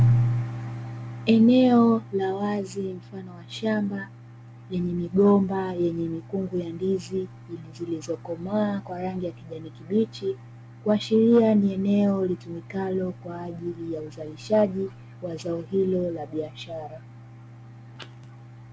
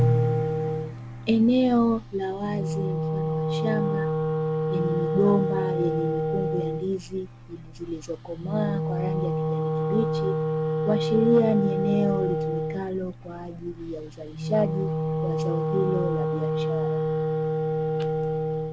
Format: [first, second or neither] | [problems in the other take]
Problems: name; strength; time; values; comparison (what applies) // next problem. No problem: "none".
first | background sound (Wind instrument, woodwind instrument); 1 dB above the speech